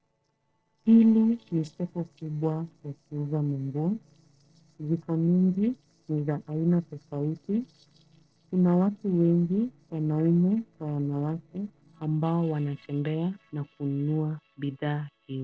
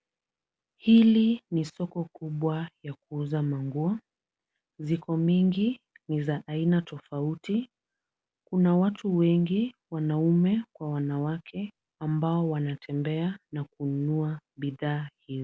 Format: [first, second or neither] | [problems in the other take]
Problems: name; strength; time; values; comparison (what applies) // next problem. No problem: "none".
second | noise reduction (neural separator model SepFormer DNS4)